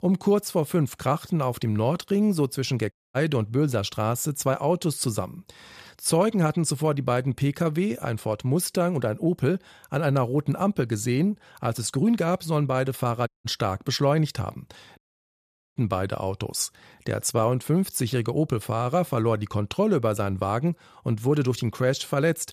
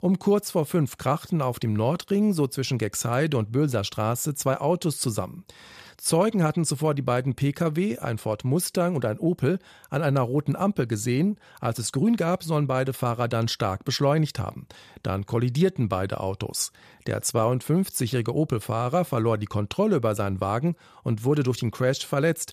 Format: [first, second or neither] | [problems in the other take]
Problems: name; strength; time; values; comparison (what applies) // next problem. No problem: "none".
second | audio cutting out; at 3 s, at 13 s and at 15 s for 1 s